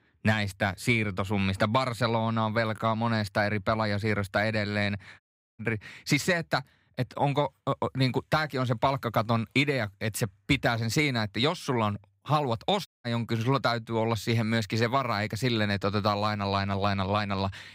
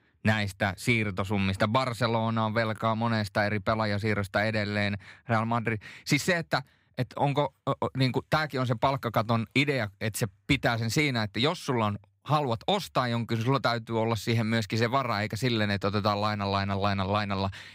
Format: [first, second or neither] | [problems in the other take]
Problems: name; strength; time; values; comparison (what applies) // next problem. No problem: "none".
second | audio cutting out; at 5 s and at 13 s